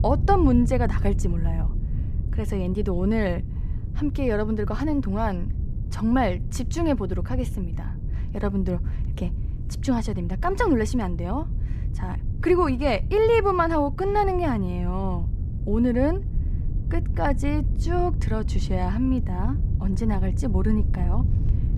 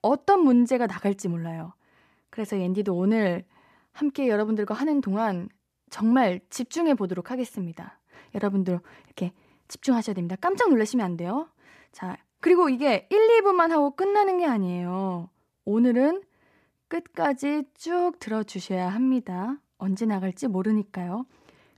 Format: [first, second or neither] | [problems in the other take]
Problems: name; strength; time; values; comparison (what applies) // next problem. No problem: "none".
second | low rumble; noticeable; throughout; 15 dB below the speech